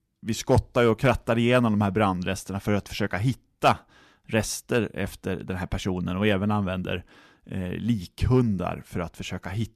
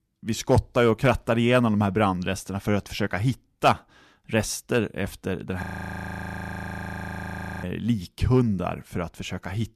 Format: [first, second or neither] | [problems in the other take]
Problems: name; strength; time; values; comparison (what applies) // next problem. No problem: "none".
first | audio freezing; at 5.5 s for 2 s